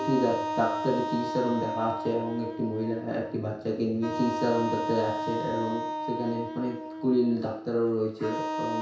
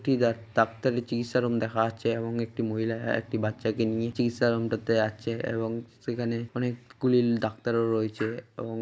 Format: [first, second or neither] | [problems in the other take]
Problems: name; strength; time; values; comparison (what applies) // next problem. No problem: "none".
second | background sound (Wind instrument, woodwind instrument); 5 dB below the speech // room echo; dies away in 0.6 s